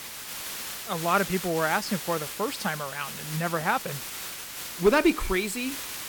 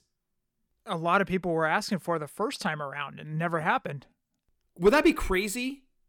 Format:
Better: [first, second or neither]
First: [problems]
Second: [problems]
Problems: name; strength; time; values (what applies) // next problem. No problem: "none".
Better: second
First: hiss; loud; throughout; 7 dB below the speech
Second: none